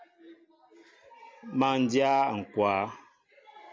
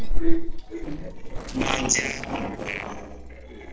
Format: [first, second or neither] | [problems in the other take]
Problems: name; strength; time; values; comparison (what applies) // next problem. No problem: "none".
first | noise reduction (neural separator model SepFormer DNS4)